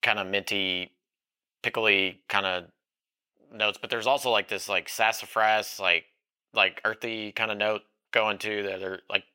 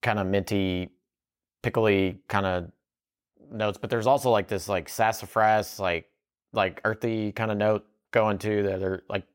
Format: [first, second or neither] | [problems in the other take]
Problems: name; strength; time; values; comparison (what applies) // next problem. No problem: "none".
second | thin; somewhat; fading below 700 Hz